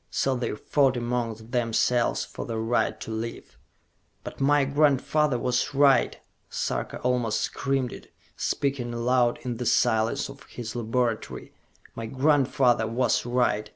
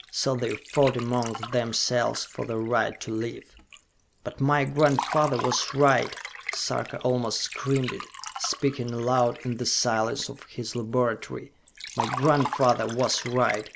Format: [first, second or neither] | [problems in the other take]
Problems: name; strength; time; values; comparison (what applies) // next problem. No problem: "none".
first | background sound (Liquid); 11 dB below the speech